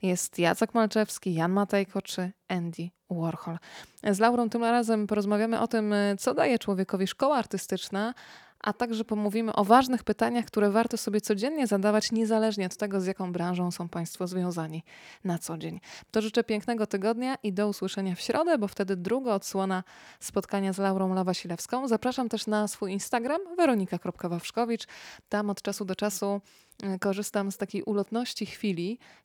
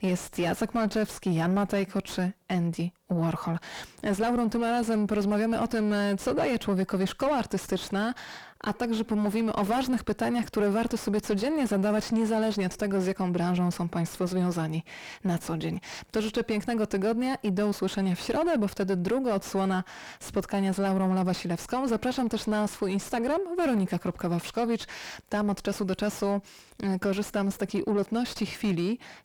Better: first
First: none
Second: distortion; heavy; 6 dB below the speech

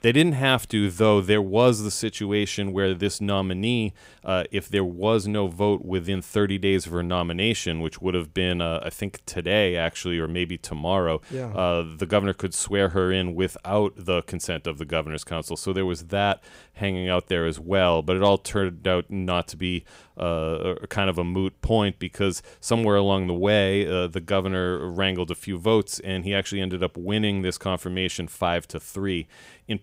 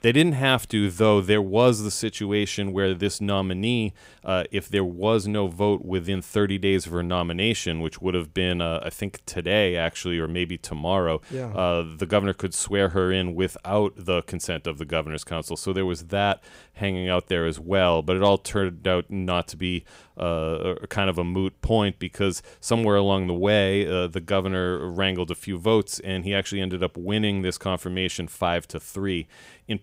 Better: neither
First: none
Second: none

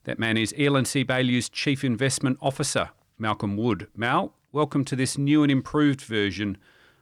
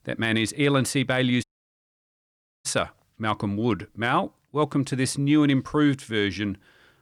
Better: first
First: none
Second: audio cutting out; at 1.5 s for 1 s

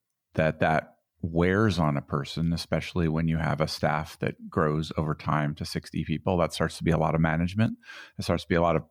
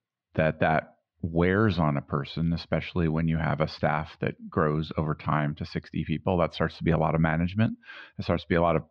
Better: first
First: none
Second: muffled; very slightly; fading above 4 kHz

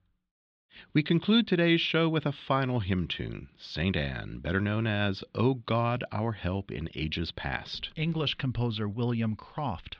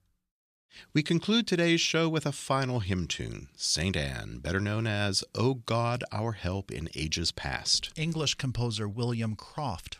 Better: second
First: muffled; very; fading above 3.5 kHz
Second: none

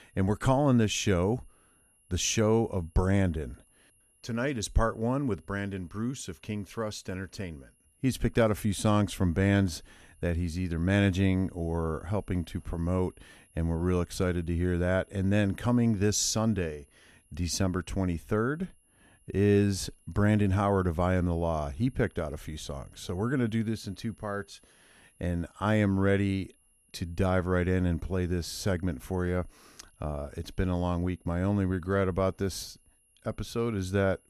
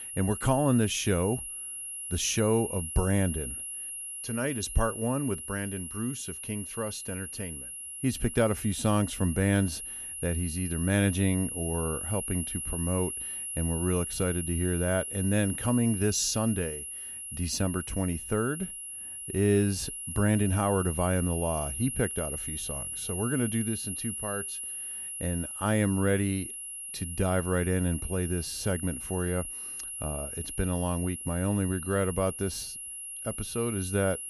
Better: first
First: high-pitched whine; faint; throughout; 11 kHz, 35 dB below the speech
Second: high-pitched whine; loud; throughout; 11 kHz, 6 dB below the speech

